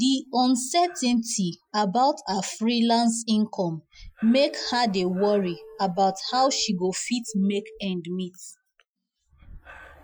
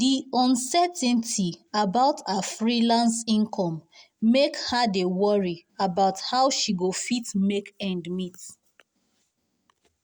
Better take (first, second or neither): second